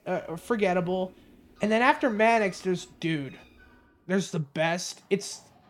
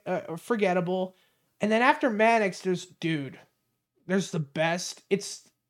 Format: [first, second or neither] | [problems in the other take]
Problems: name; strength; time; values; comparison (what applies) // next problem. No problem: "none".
second | animal sounds; faint; throughout; 25 dB below the speech